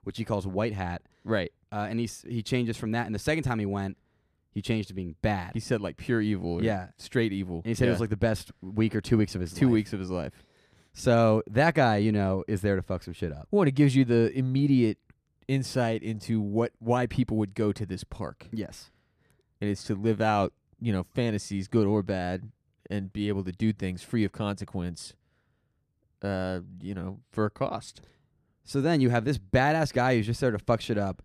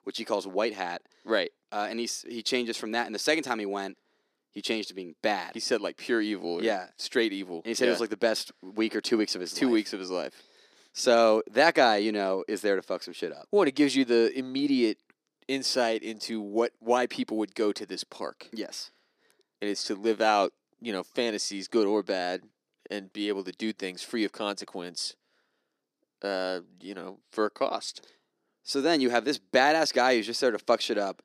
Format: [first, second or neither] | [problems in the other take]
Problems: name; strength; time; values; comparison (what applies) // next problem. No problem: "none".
first | thin; somewhat; fading below 300 Hz